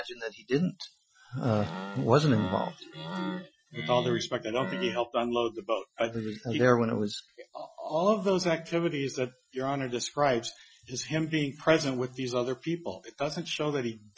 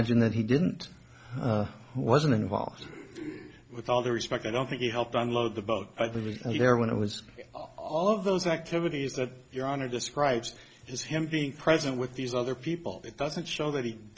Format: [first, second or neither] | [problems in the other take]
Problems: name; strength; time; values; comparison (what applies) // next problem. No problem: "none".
second | noise reduction (classical method Wiener filter)